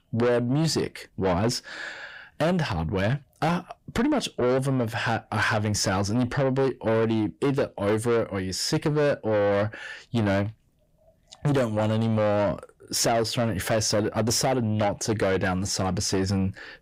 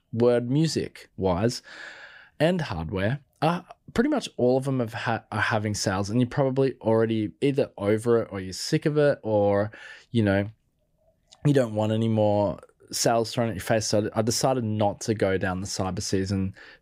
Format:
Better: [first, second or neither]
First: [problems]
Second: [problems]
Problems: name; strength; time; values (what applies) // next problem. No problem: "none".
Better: second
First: distortion; heavy; 8 dB below the speech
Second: none